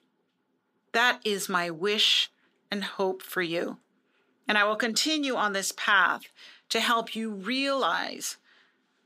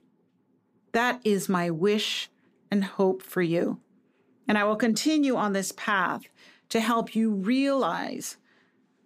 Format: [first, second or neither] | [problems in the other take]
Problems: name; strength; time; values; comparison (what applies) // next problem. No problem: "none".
second | thin; somewhat; fading below 650 Hz